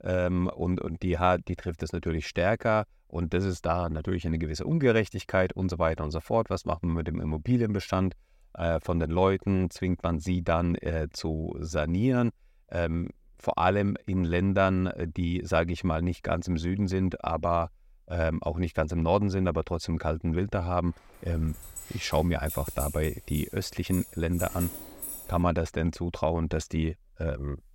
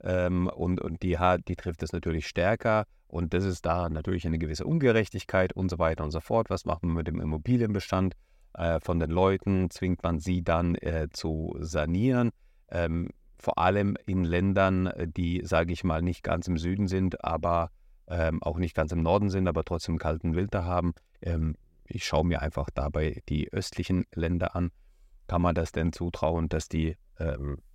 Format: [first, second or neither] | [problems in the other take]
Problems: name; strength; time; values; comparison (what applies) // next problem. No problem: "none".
second | jangling keys; noticeable; from 21 to 25 s; peak 7 dB below the speech